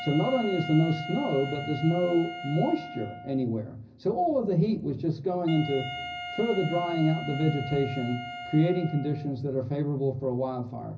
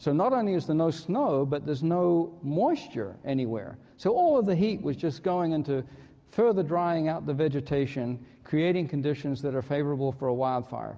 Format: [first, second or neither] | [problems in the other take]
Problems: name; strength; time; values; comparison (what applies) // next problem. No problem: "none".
second | background sound (Wind instrument, woodwind instrument); 12 dB below the speech // room echo; dies away in 0.4 s